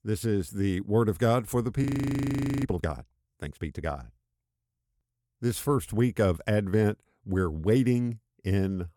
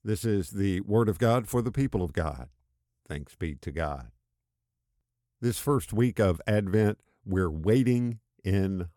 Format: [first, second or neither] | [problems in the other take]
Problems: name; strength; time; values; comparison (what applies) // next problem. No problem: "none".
second | audio freezing; at 2 s for 1 s